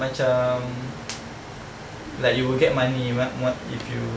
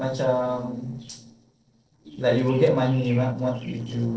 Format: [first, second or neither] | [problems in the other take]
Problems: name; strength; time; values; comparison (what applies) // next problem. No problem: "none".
first | noise reduction (neural separator model SepFormer DNS4)